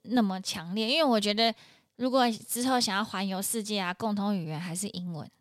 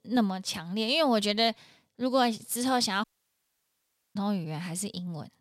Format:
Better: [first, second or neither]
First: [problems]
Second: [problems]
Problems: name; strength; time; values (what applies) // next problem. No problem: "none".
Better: first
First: none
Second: audio cutting out; at 3 s for 1 s